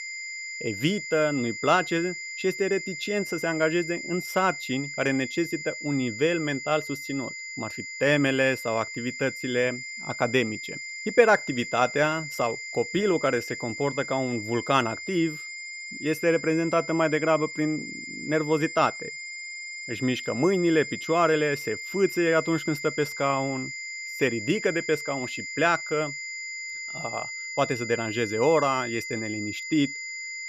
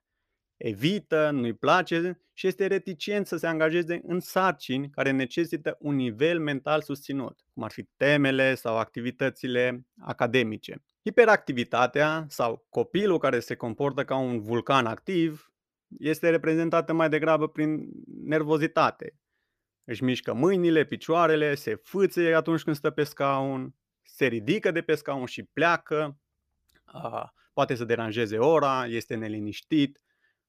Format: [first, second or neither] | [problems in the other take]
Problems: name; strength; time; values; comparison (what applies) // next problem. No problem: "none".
second | high-pitched whine; loud; throughout; 2 kHz, 8 dB below the speech